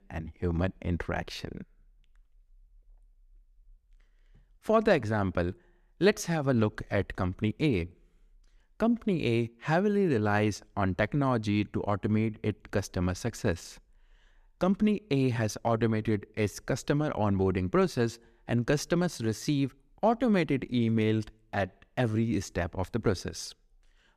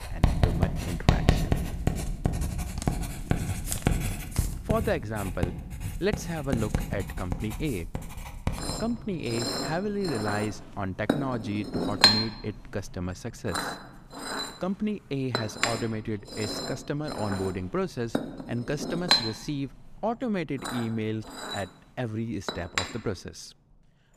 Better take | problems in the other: first | household noises; very loud; throughout; 3 dB above the speech

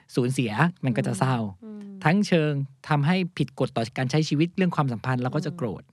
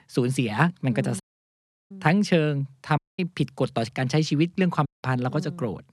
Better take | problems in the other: first | audio cutting out; at 1 s for 0.5 s, at 3 s and at 5 s

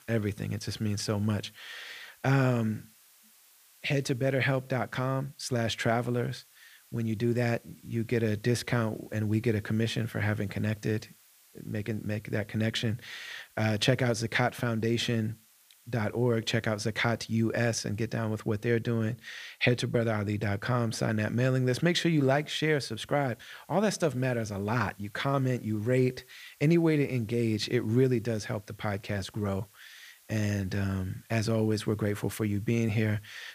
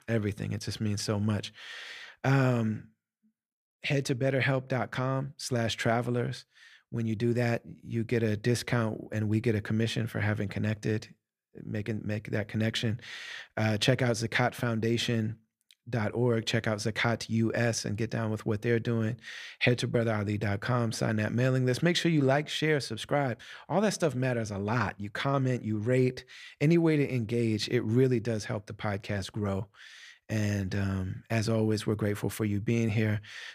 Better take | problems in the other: second | hiss; faint; throughout; 30 dB below the speech

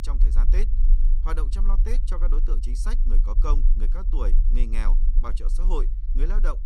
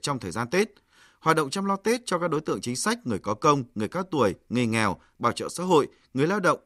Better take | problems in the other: second | low rumble; noticeable; throughout; 10 dB below the speech

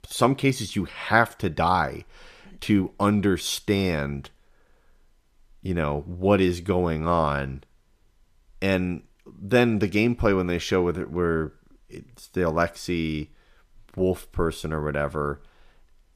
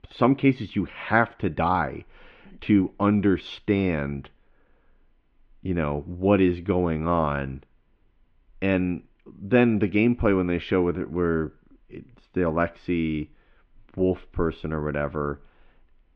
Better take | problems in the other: first | muffled; very; fading above 3 kHz

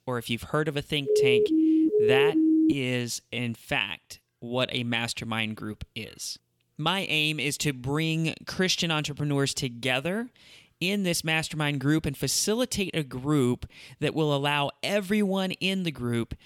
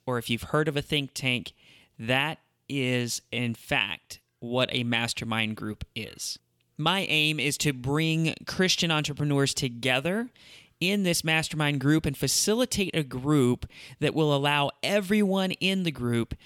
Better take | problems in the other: second | siren; loud; from 1 to 2.5 s; peak 6 dB above the speech

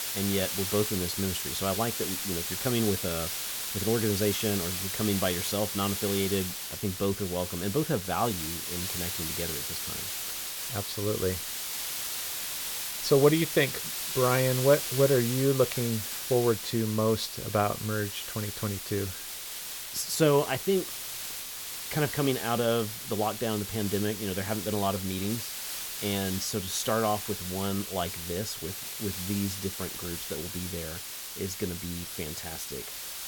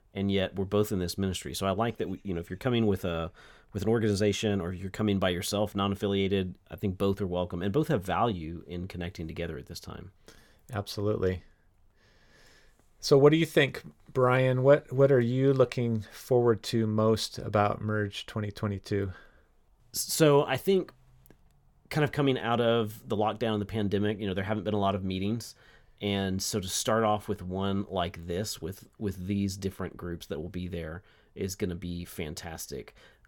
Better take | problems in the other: second | hiss; loud; throughout; 3 dB below the speech

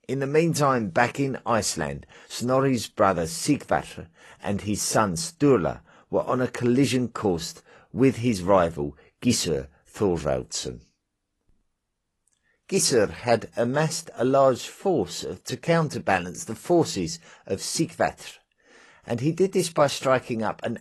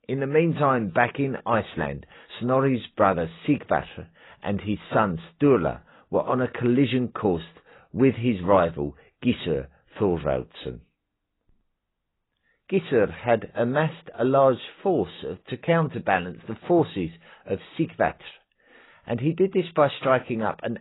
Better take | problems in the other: first | garbled, watery; badly; nothing above 4 kHz; slightly in the first

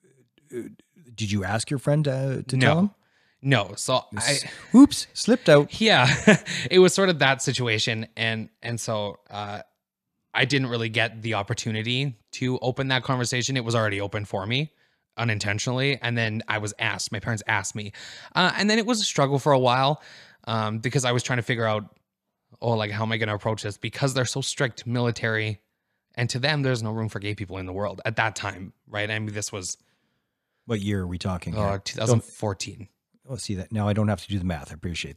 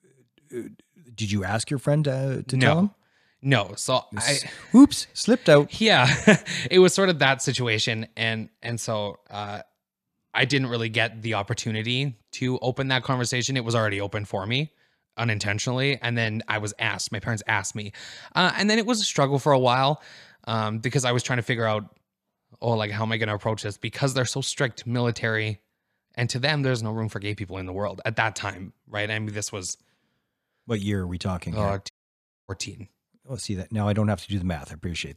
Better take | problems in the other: first | audio cutting out; at 32 s for 0.5 s

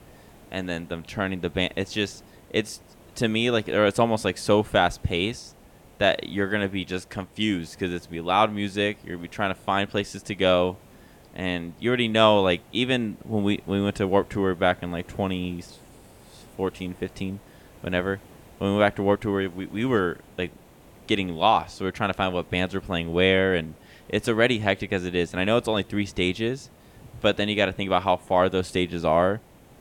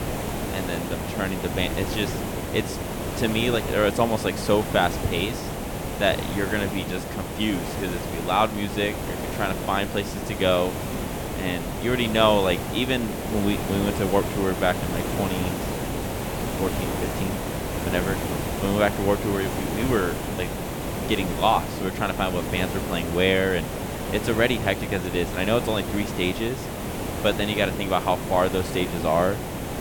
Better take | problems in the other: first | hiss; loud; throughout; 4 dB below the speech; faint in the first

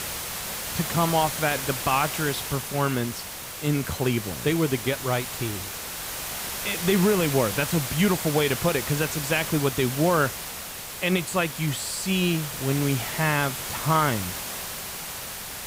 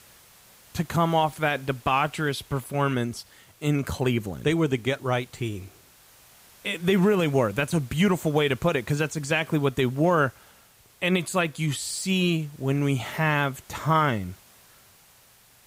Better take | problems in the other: second | hiss; loud; throughout; 5 dB below the speech; faint in the second

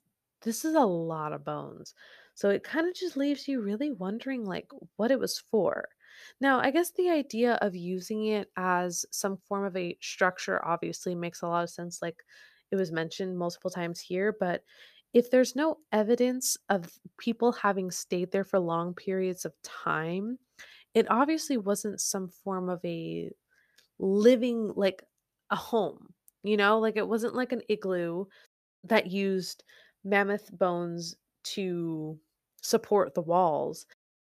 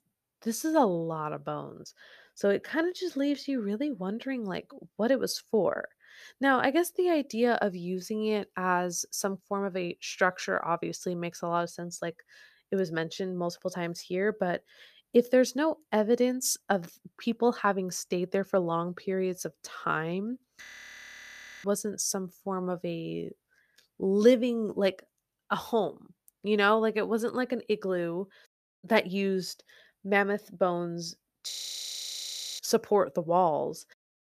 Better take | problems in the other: first | audio freezing; at 21 s for 1 s and at 32 s for 1 s

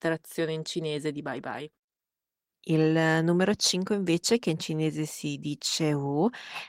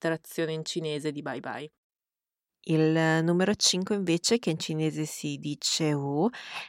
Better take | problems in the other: second | garbled, watery; slightly; nothing above 16 kHz

